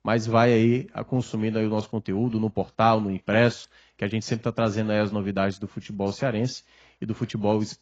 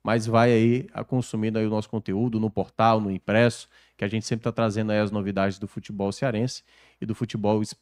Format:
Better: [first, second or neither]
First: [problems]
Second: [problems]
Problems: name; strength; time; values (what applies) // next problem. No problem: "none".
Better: second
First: garbled, watery; badly; nothing above 7.5 kHz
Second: none